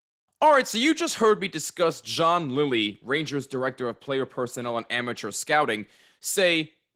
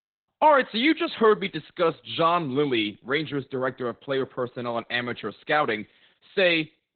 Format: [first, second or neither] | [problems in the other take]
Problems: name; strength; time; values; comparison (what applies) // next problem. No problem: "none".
first | garbled, watery; badly; nothing above 4 kHz; slightly in the first